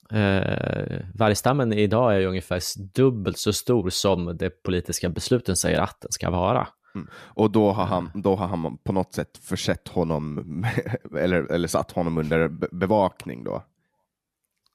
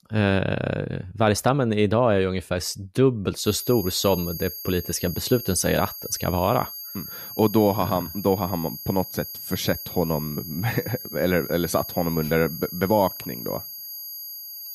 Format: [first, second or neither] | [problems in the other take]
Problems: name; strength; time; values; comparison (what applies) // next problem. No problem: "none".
first | high-pitched whine; loud; from 3.5 s on; 11.5 kHz, 9 dB below the speech